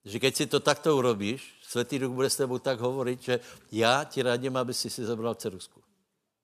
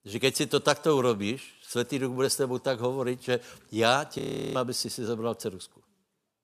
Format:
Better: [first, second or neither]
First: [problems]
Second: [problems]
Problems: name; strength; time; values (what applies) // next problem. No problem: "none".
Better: first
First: none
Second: audio freezing; at 4 s